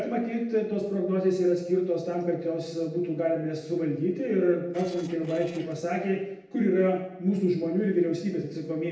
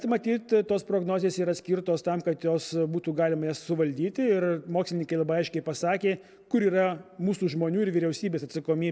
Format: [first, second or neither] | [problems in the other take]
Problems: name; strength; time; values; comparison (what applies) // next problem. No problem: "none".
second | noise reduction (neural separator model SepFormer DNS4)